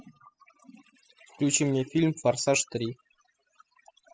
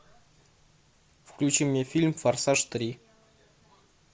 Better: second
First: noise reduction (classical method spectral subtraction)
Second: none

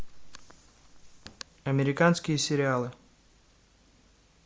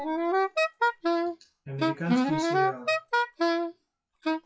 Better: first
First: none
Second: noise reduction (classical method WPE with log-MMSE)

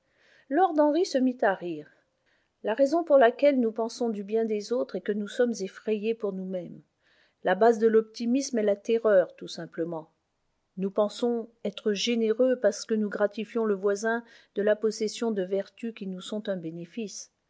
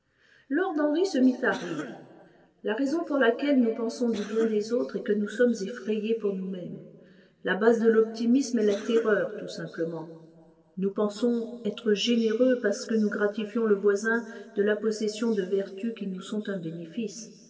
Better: first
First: none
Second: background sound (Cough); 16 dB below the speech // room echo; dies away in 1.8 s

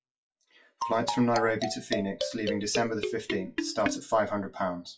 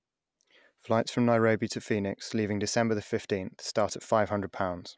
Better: second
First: noise reduction (classical method WPE with log-MMSE)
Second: none

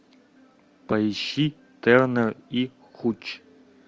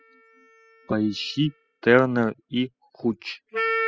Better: first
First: none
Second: noise reduction (classical method spectral subtraction)

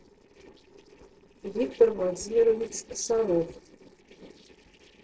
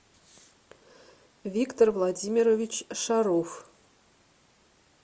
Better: second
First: noise reduction (neural separator model SepFormer DNS4)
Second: none

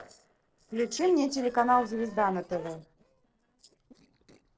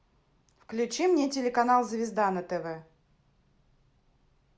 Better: second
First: noise reduction (neural separator model SepFormer DNS4)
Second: none

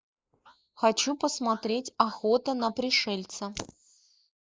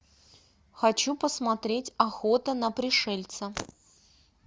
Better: second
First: noise reduction (neural mask model Resemble Enhance denoiser)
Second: none

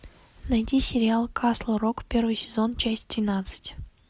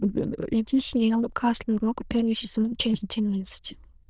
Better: first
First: none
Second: noise reduction (neural diffusion model UNIVERSE++)

